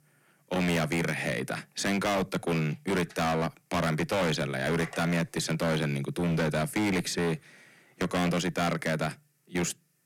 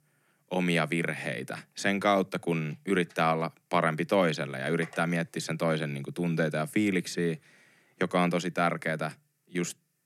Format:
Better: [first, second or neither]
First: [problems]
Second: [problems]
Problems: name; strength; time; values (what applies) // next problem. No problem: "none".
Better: second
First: distortion; heavy; 19% of the sound clipped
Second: none